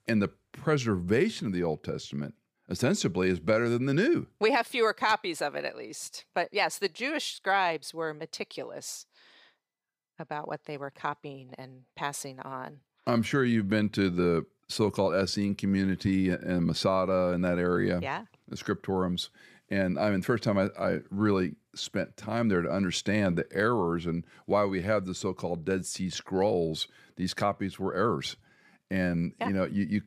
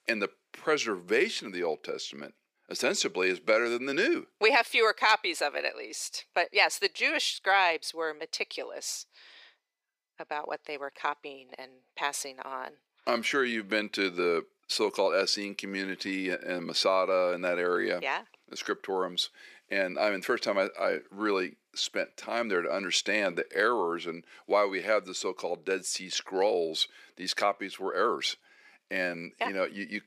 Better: first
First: none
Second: thin; somewhat; fading below 350 Hz

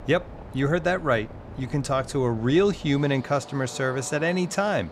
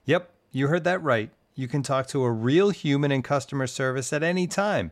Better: second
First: train or aircraft noise; noticeable; throughout; 15 dB below the speech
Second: none

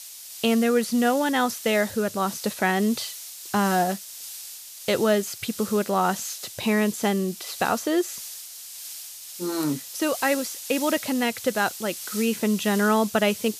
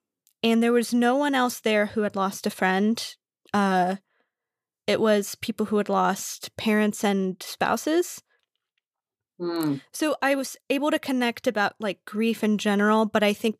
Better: second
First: hiss; noticeable; throughout; 10 dB below the speech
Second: none

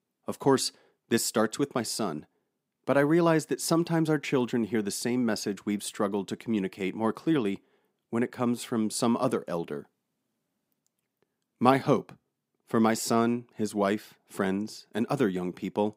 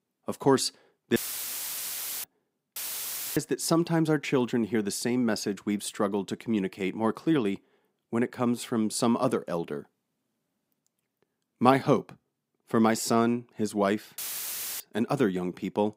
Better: first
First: none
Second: audio cutting out; filled with static; at 1 s for 1 s, at 3 s for 0.5 s and at 14 s for 0.5 s

